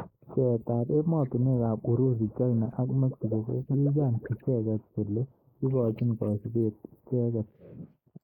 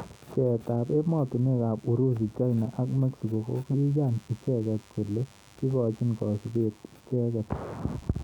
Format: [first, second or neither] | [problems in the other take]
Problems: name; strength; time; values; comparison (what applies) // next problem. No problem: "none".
second | noise reduction (neural mask model Resemble Enhance denoiser)